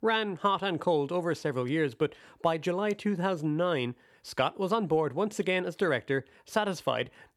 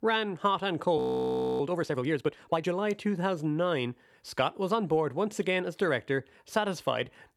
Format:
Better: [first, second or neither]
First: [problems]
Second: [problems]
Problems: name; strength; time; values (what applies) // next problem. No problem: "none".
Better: first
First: none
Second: audio freezing; at 1 s for 0.5 s